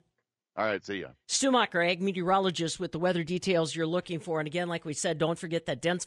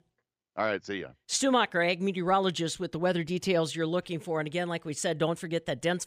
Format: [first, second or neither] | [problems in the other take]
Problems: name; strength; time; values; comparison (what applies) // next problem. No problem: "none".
second | garbled, watery; slightly